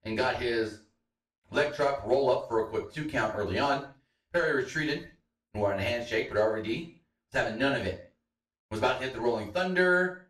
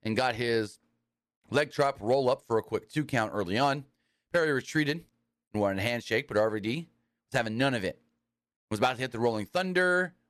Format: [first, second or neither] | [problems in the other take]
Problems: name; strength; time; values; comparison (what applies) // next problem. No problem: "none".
second | room echo; slight; dies away in 0.4 s // off-mic speech; far